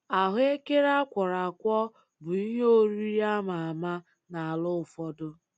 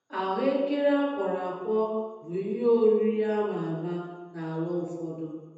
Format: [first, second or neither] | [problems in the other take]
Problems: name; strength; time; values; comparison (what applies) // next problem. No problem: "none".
first | room echo; dies away in 1 s